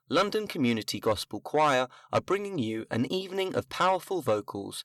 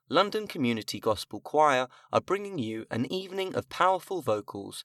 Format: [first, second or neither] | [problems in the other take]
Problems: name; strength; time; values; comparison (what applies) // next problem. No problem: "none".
second | distortion; slight; 10 dB below the speech